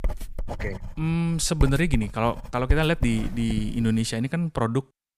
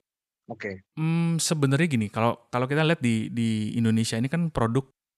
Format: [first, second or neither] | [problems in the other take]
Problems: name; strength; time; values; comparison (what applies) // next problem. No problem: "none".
second | household noises; loud; until 4 s; 8 dB below the speech